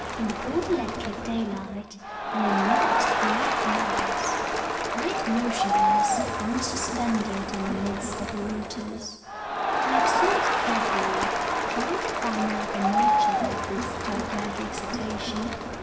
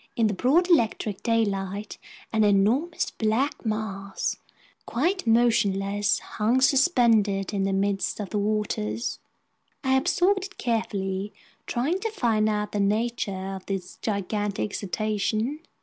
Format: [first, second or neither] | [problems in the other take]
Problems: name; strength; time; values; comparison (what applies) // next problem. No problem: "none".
second | background sound (Crowd); 5 dB above the speech // room echo; dies away in 2 s